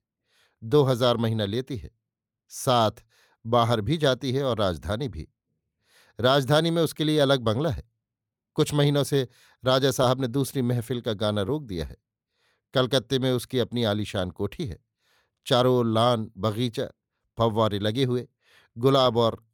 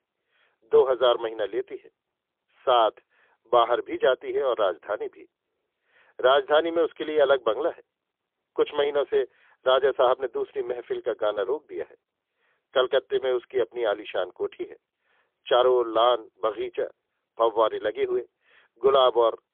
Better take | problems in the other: first | phone-call audio; poor line; nothing above 3.5 kHz

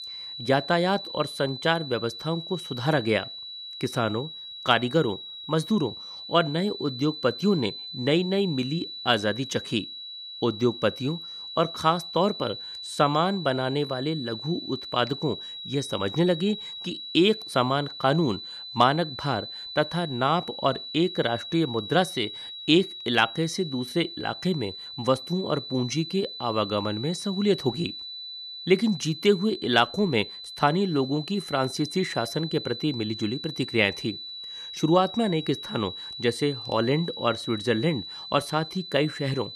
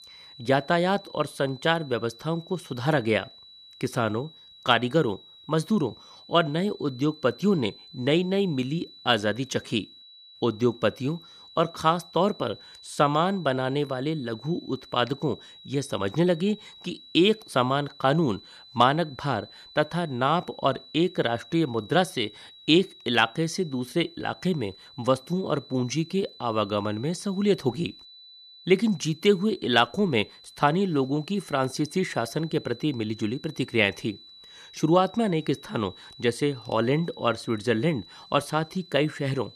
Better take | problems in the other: second | high-pitched whine; loud; throughout; 4 kHz, 9 dB below the speech; faint in the second

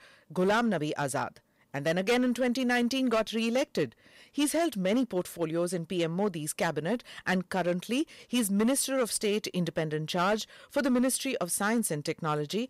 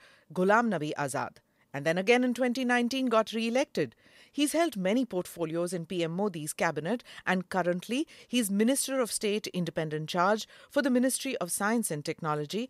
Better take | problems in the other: second | distortion; slight; 6% of the sound clipped

